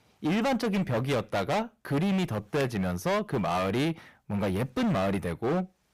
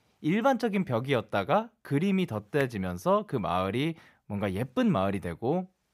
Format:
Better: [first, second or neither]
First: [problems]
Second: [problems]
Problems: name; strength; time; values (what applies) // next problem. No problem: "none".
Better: second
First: distortion; heavy; 21% of the sound clipped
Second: none